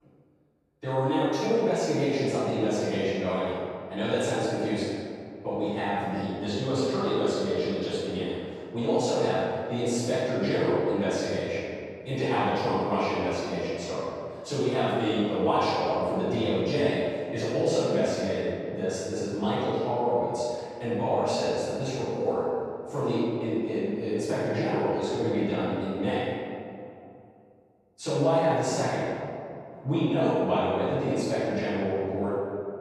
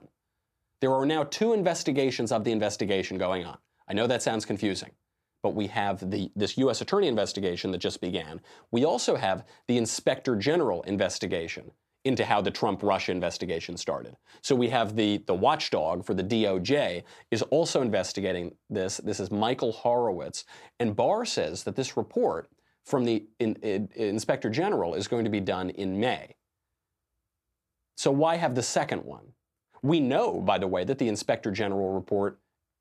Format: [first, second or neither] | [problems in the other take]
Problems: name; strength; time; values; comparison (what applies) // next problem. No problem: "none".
second | off-mic speech; far // room echo; strong; dies away in 2.2 s